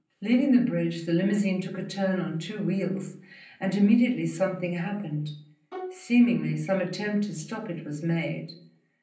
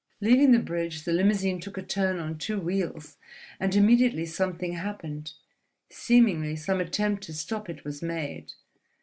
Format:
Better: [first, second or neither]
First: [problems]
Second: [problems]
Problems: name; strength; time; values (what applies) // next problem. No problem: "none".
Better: second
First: background sound (Bowed string instrument); 15 dB below the speech // room echo; dies away in 0.6 s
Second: none